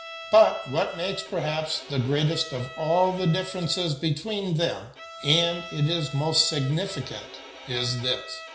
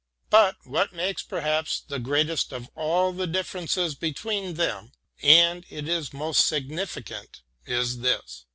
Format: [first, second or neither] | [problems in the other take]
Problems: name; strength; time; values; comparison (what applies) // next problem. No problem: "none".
second | background sound (Bowed string instrument); 16 dB below the speech // room echo; dies away in 0.5 s